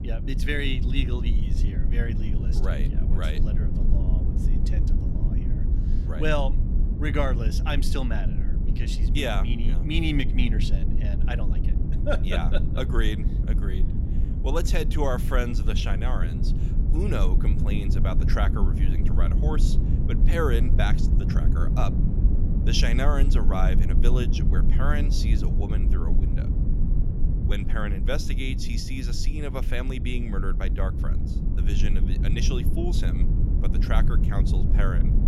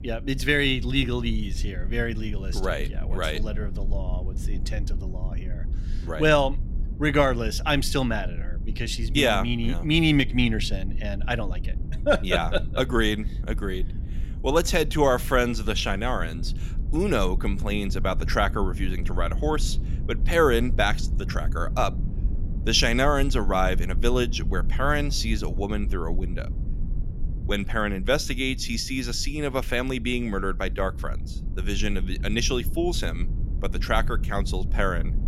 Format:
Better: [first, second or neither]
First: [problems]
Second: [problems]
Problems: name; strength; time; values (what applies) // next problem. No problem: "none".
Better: second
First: low rumble; loud; throughout; 7 dB below the speech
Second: low rumble; faint; throughout; 20 dB below the speech